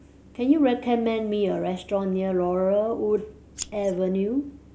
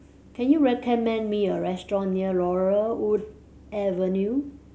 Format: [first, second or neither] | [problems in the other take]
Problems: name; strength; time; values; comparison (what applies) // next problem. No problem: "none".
second | background sound (Scissors); 14 dB below the speech